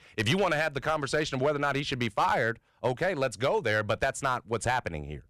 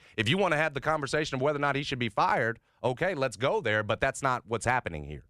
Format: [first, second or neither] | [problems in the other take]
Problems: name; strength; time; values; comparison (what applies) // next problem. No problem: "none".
second | distortion; slight; 3% of the sound clipped